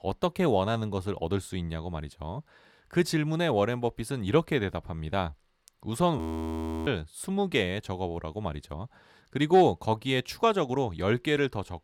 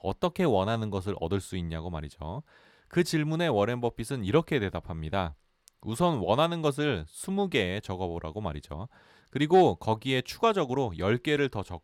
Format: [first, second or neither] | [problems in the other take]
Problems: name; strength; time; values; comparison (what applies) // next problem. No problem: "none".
second | audio freezing; at 6 s for 0.5 s